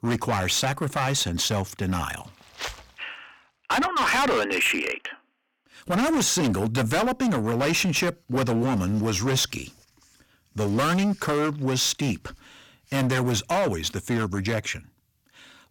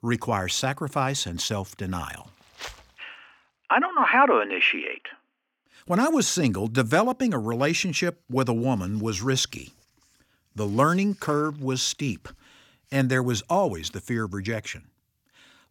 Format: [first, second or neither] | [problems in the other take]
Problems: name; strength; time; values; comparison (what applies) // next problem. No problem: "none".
second | distortion; heavy; 16% of the sound clipped